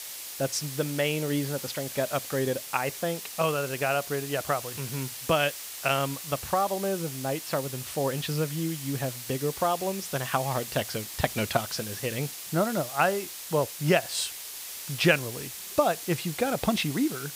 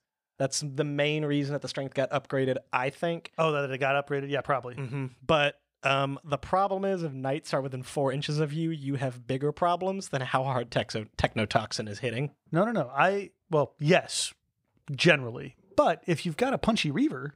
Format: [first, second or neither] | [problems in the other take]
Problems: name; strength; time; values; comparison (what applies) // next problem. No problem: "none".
second | hiss; loud; throughout; 7 dB below the speech